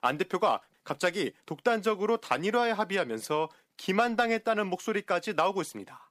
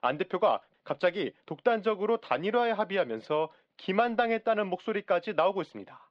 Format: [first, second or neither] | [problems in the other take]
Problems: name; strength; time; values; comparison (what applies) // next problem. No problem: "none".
first | muffled; slightly; fading above 3.5 kHz